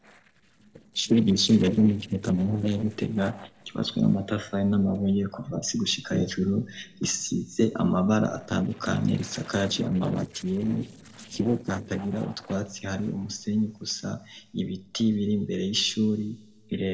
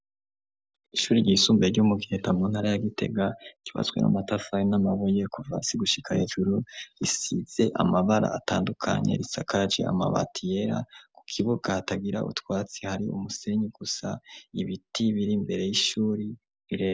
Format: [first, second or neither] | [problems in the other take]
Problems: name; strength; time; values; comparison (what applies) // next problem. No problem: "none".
second | noise reduction (neural separator model SepFormer DNS4)